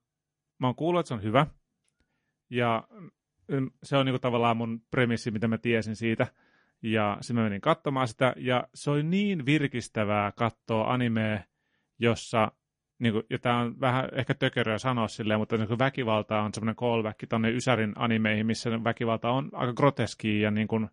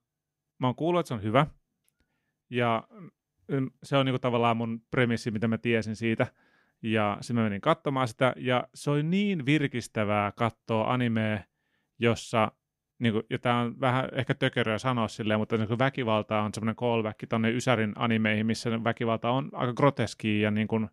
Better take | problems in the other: second | garbled, watery; slightly; nothing above 10.5 kHz

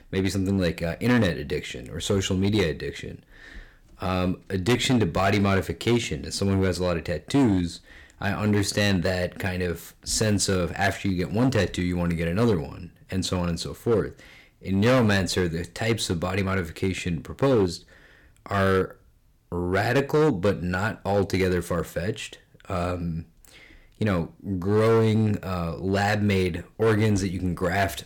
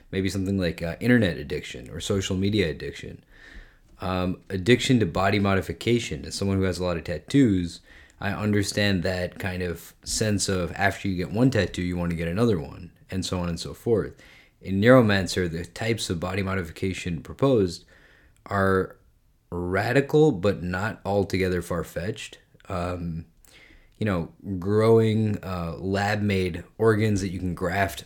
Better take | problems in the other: second | distortion; slight; 5% of the sound clipped

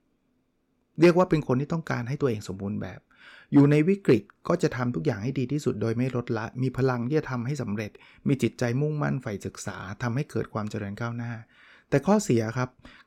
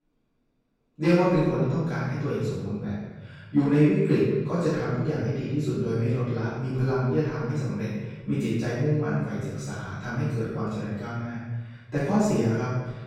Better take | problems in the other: first | off-mic speech; far // room echo; strong; dies away in 1.2 s

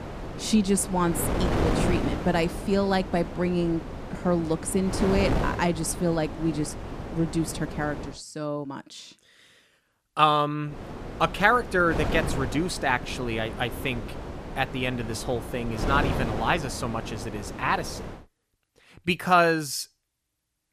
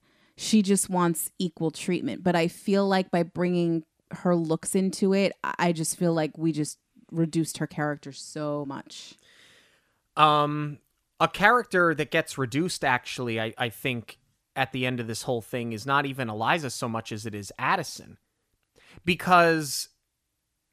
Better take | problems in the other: second | wind noise on the microphone; heavy; until 8 s and from 11 to 18 s; 9 dB below the speech

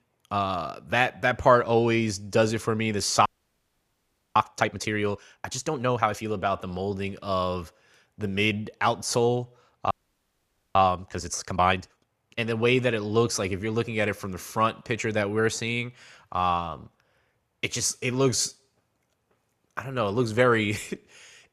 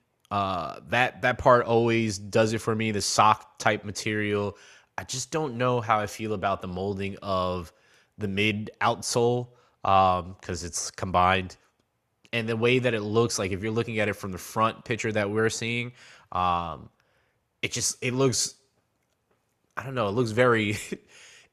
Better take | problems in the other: second | audio freezing; at 3.5 s for 1 s and at 10 s for 1 s

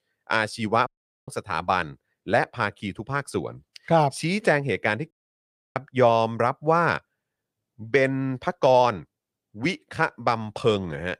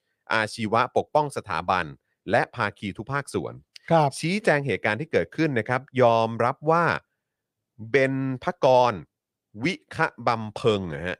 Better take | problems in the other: second | audio cutting out; at 1 s and at 5 s for 0.5 s

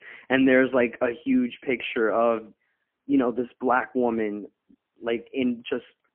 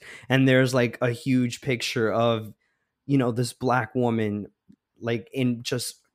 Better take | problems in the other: second | phone-call audio; poor line; nothing above 3 kHz

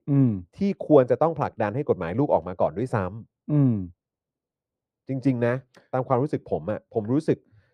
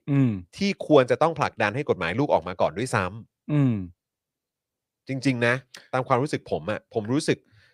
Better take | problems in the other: second | muffled; very; fading above 1.5 kHz

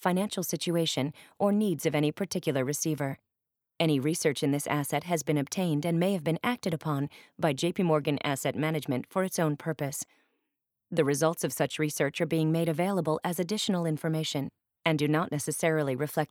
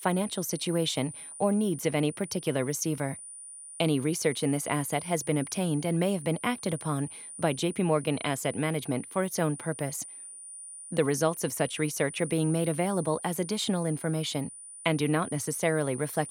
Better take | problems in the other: first | high-pitched whine; noticeable; throughout; 9.5 kHz, 10 dB below the speech

